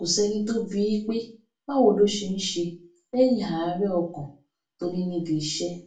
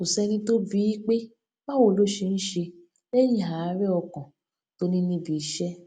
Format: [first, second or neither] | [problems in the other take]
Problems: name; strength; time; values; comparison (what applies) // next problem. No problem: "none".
second | room echo; dies away in 0.3 s